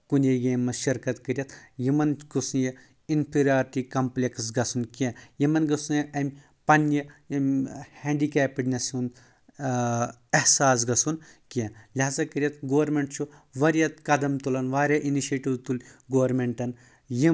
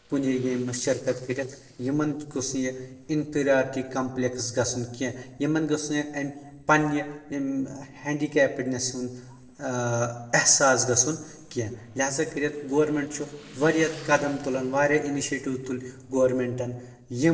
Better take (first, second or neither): first